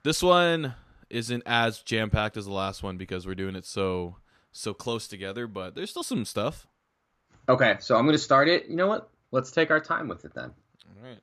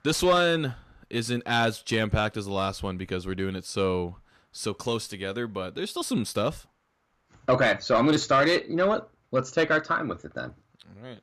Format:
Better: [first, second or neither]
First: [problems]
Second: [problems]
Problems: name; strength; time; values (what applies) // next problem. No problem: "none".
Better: first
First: none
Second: distortion; slight; 10 dB below the speech